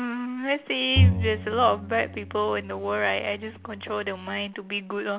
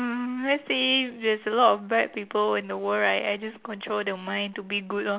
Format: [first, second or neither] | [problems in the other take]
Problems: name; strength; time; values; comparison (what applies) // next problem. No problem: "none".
second | background sound (Bowed string instrument); as loud as the speech